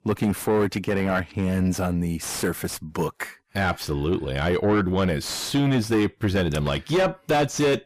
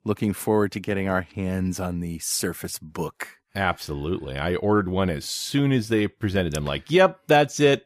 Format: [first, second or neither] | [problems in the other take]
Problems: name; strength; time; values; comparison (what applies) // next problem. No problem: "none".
second | distortion; heavy; 6 dB below the speech